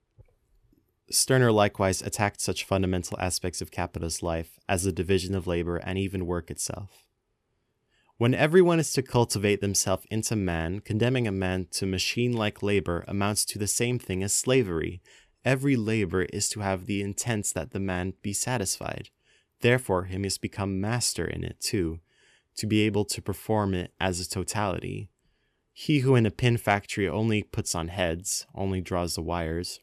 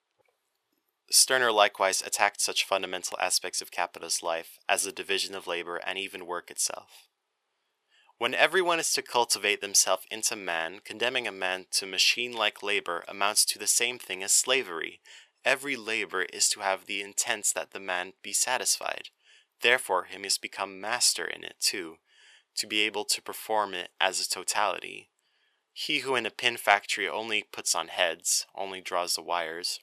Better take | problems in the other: first | thin; very; fading below 800 Hz

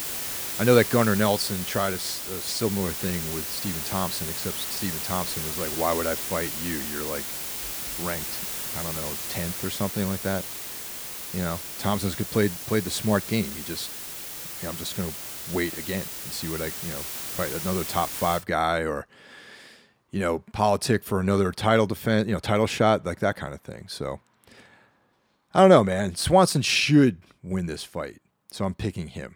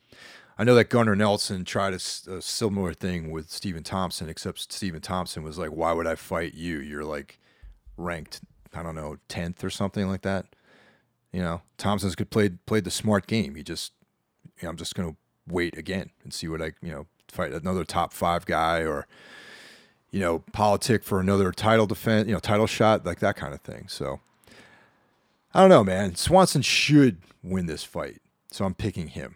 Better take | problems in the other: second | hiss; loud; until 18 s; 5 dB below the speech

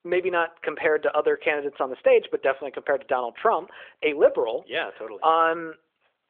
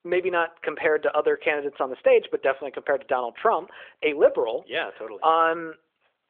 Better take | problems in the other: neither | phone-call audio; nothing above 3.5 kHz; the same in both

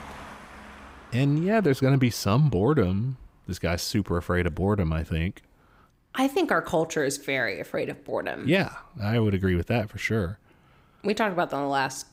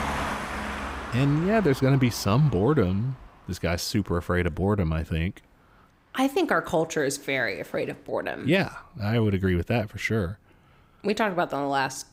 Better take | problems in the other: first | traffic noise; loud; throughout; 9 dB below the speech; faint in the first

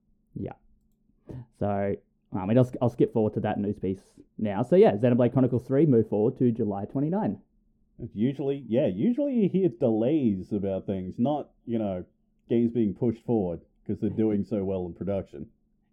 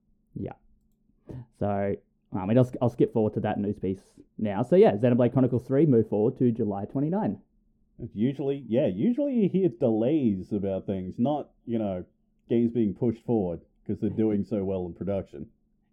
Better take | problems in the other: neither | muffled; very; fading above 1 kHz; the same in both

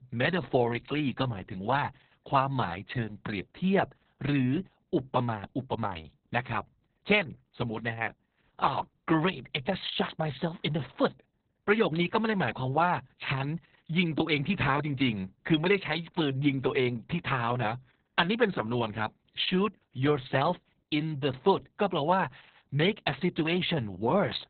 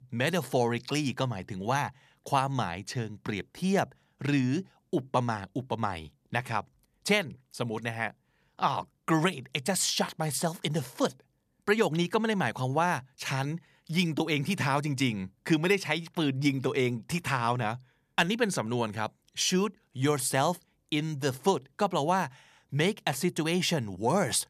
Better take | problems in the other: second | garbled, watery; badly; nothing above 4 kHz

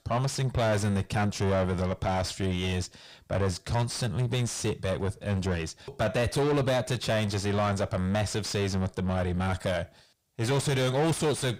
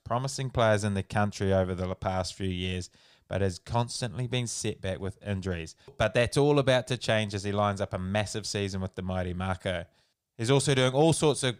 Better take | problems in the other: second | distortion; heavy; 5 dB below the speech

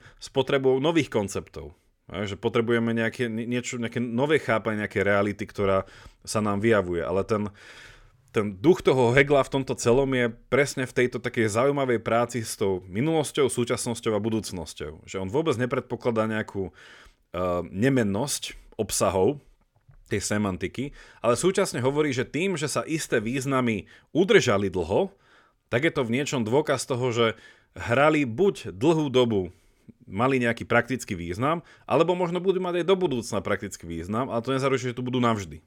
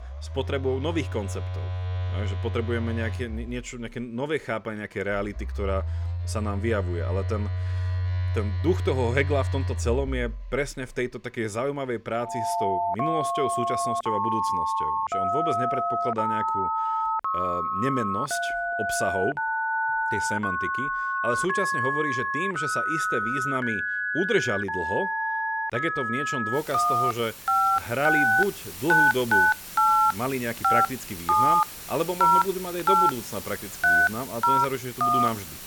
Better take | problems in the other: first | alarms or sirens; very loud; throughout; 5 dB above the speech

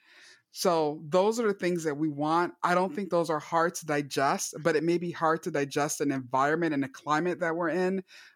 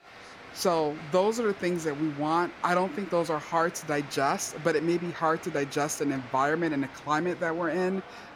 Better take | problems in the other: first | crowd noise; noticeable; throughout; 15 dB below the speech

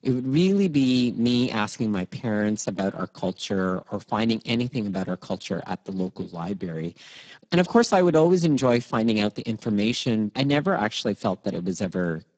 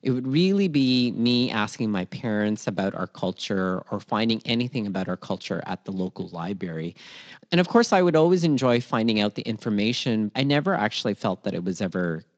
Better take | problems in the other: second | garbled, watery; badly; nothing above 7.5 kHz; slightly in the second

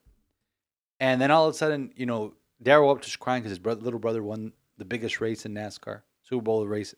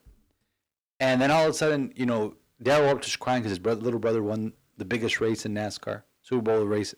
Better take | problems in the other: first | distortion; heavy; 6 dB below the speech

